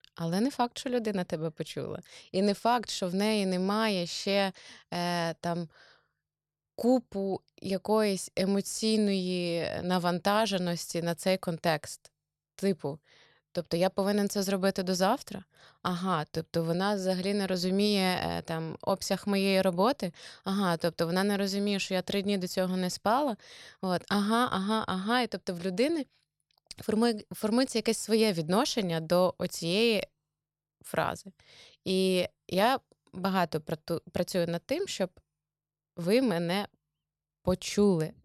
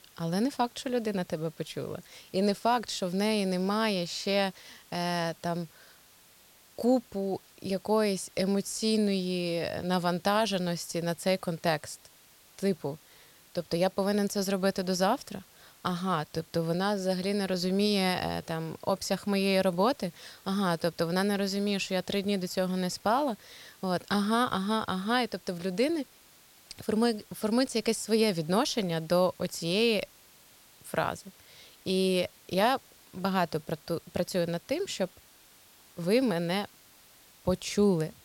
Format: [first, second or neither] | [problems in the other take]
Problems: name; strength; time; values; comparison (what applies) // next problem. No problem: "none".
first | hiss; faint; throughout; 25 dB below the speech